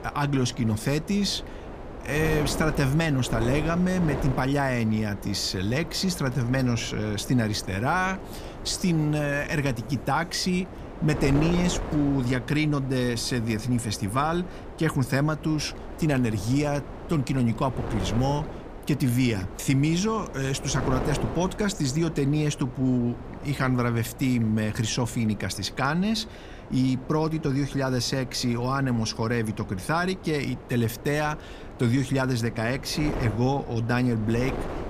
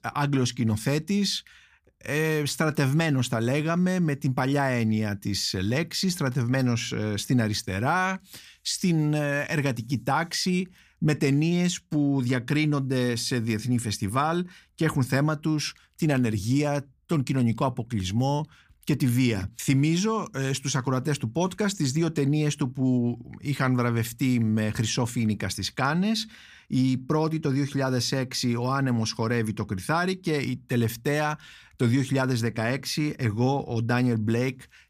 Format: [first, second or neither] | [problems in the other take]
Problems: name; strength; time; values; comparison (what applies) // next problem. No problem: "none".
second | wind noise on the microphone; occasional gusts; 10 dB below the speech